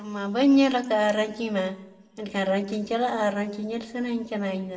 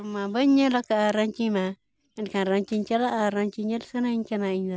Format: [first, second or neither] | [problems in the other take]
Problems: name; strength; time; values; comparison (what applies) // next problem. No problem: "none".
second | room echo; dies away in 1.5 s